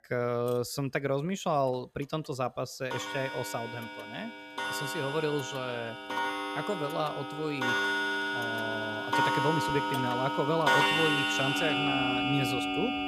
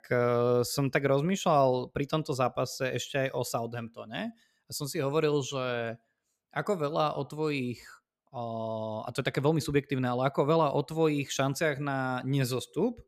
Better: second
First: household noises; very loud; throughout; 3 dB above the speech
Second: none

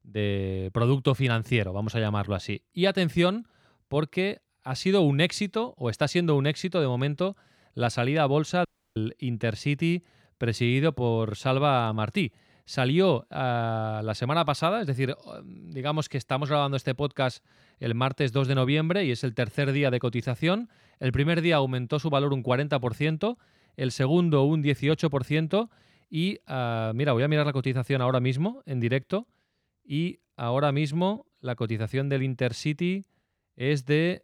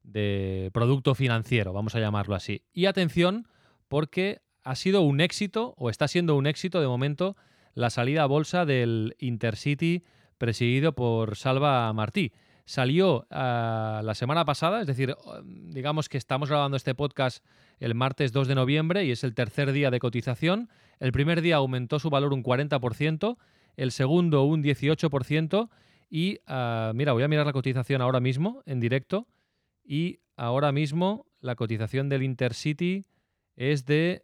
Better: second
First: audio cutting out; at 8.5 s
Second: none

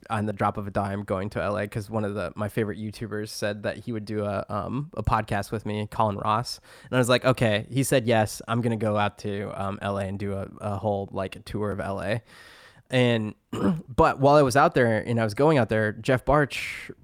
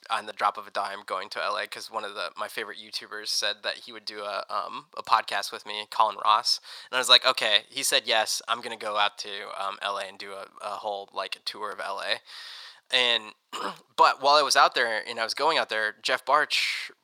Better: first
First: none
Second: thin; very; fading below 800 Hz

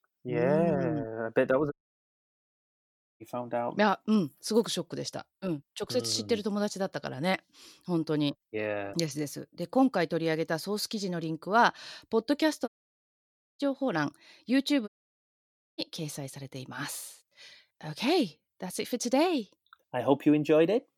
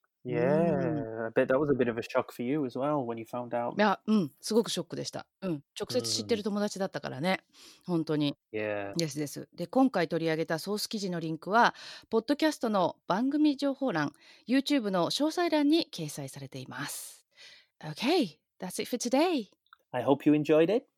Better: second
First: audio cutting out; at 1.5 s for 1.5 s, at 13 s for 1 s and at 15 s for 1 s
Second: none

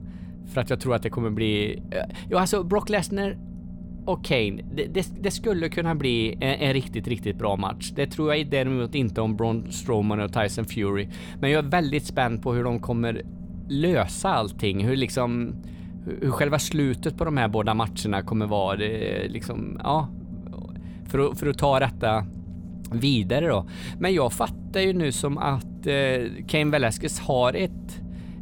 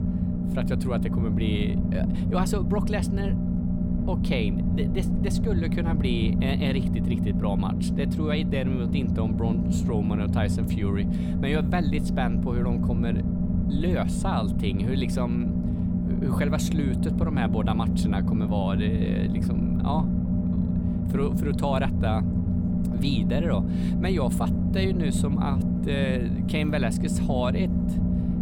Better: first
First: low rumble; faint; throughout; 20 dB below the speech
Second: low rumble; loud; throughout; 1 dB below the speech

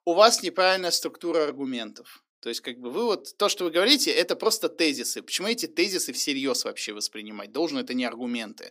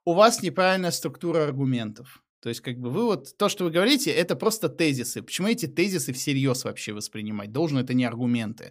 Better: second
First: thin; very slightly; fading below 300 Hz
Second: none

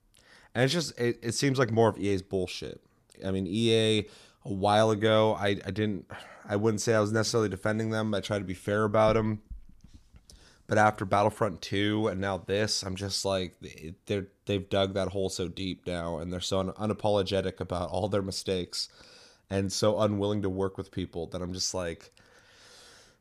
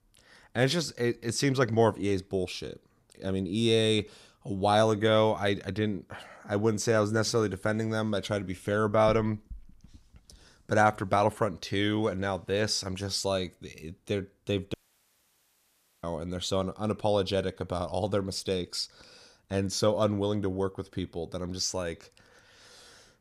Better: first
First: none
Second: audio cutting out; at 15 s for 1.5 s

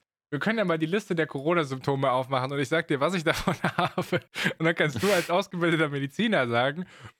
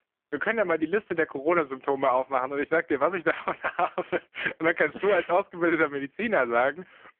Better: first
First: none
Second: phone-call audio; poor line

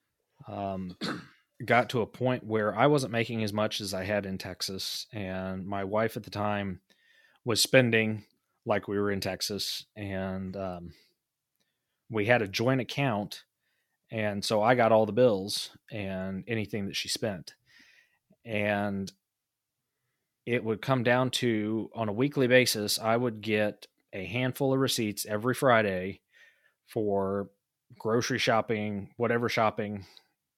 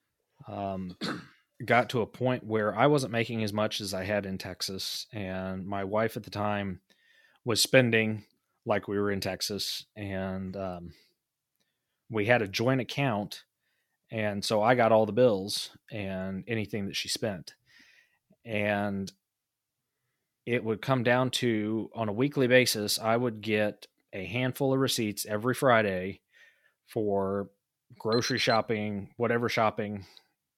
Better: first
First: none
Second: alarm; noticeable; at 28 s; peak 6 dB below the speech

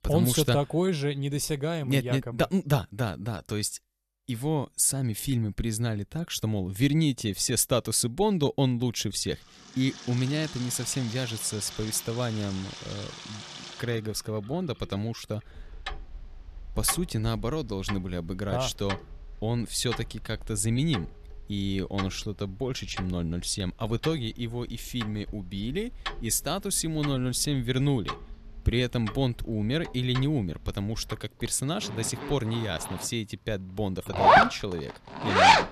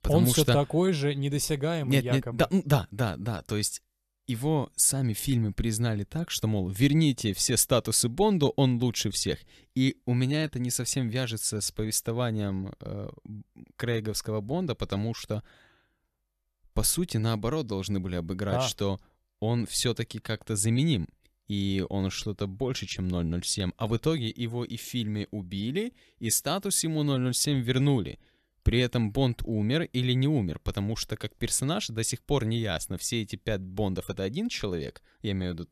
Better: second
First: household noises; loud; from 10 s on; 1 dB below the speech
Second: none

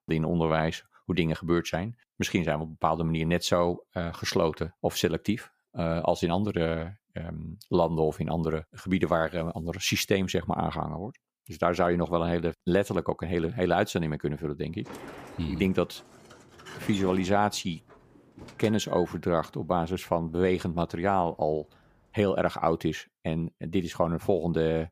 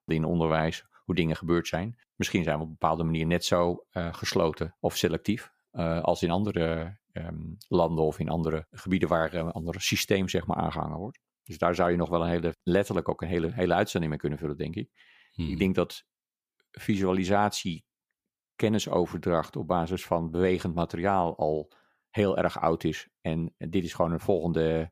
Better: second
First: door banging; faint; from 15 to 19 s; peak 10 dB below the speech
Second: none

